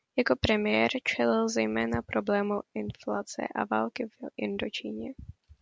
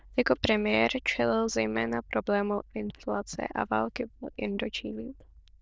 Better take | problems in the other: first | noise reduction (neural diffusion model UNIVERSE++)

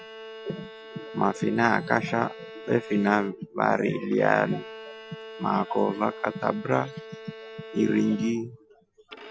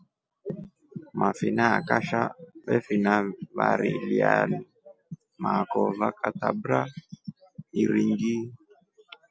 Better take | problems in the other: second | background sound (Bowed string instrument); 15 dB below the speech

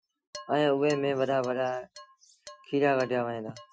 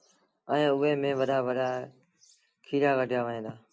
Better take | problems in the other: second | noise reduction (classical method Wiener filter)

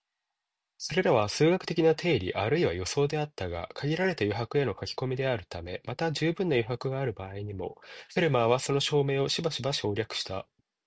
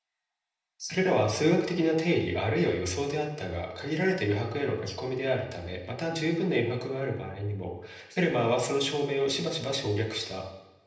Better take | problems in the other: first | room echo; dies away in 0.8 s

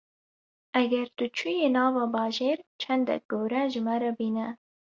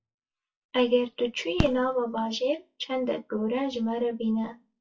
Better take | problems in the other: first | noise reduction (classical method WPE with log-MMSE)

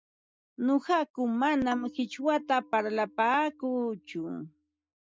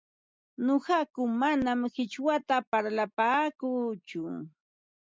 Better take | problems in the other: second | noise reduction (neural mask model DeepFilterNet 3)

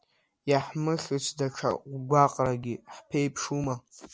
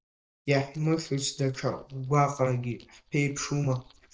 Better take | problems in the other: first | noise reduction (neural mask model DeepFilterNet 3)

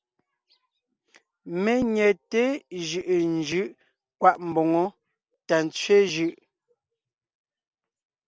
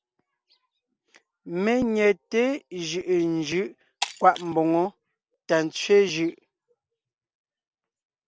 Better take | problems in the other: first | background sound (Shatter); 14 dB below the speech

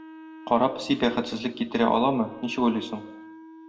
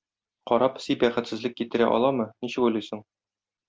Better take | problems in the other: second | background sound (Wind instrument, woodwind instrument); 18 dB below the speech // room echo; dies away in 0.8 s

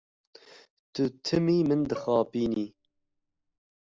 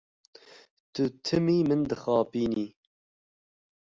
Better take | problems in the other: second | noise reduction (neural separator model SepFormer DNS4)

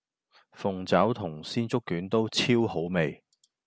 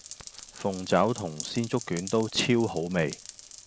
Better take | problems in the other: first | background sound (Rain); 15 dB below the speech

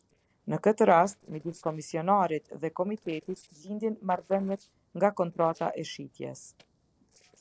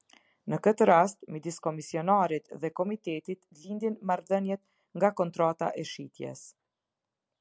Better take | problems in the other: second | noise reduction (neural separator model SepFormer DNS4)

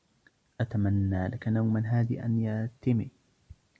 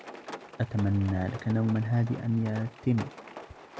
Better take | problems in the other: first | background sound (Rain); 15 dB below the speech

